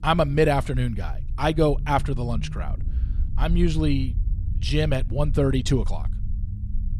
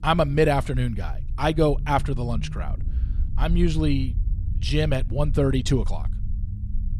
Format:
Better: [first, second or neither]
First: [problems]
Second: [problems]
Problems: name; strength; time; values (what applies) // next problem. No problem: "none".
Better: neither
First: low rumble; faint; throughout; 20 dB below the speech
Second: low rumble; faint; throughout; 20 dB below the speech